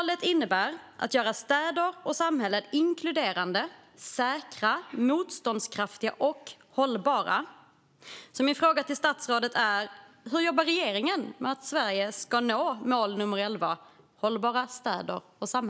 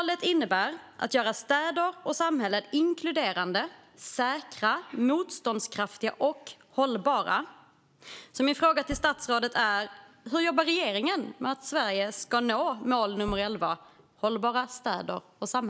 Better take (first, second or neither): first